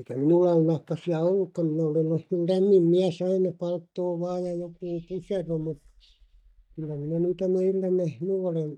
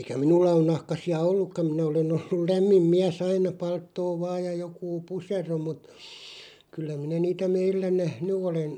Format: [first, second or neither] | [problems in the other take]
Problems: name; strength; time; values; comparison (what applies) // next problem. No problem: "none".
second | noise reduction (neural mask model DeepFilterNet 3)